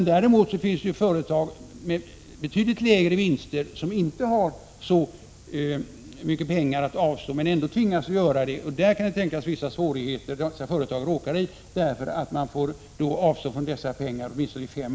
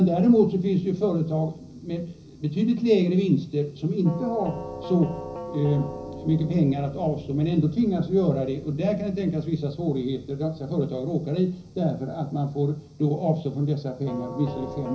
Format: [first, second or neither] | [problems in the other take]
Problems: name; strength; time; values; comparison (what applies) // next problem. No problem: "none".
first | background sound (Doorbell); 16 dB below the speech // room echo; dies away in 0.5 s